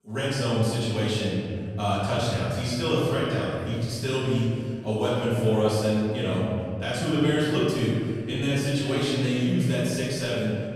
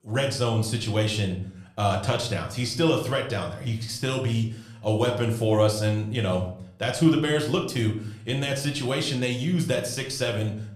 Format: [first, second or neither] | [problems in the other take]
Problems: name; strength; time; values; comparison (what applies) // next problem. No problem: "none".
second | room echo; strong; dies away in 2.3 s; slight in the second // off-mic speech; far; somewhat distant in the second